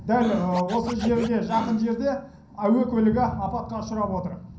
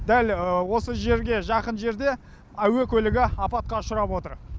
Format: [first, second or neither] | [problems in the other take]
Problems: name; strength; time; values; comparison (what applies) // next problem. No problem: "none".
second | background sound (Scratching (performance technique)); 13 dB below the speech // room echo; dies away in 0.6 s